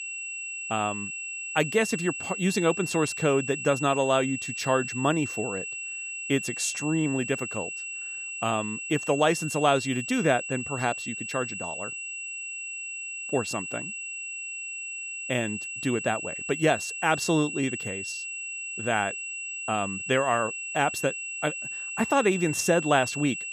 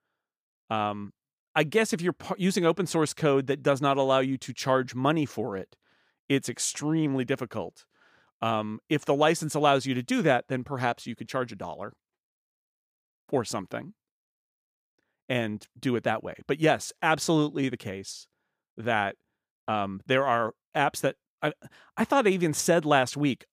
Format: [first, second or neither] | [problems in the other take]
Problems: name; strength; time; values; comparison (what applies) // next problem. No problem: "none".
second | high-pitched whine; loud; throughout; 2.5 kHz, 5 dB below the speech